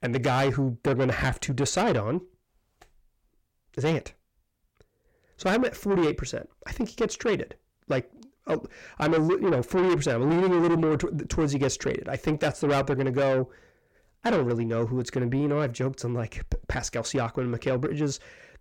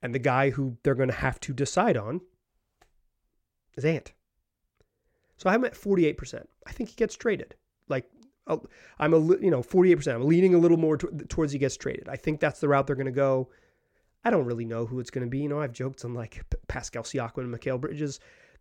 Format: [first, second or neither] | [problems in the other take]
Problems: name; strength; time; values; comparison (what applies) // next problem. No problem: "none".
second | distortion; heavy; 7 dB below the speech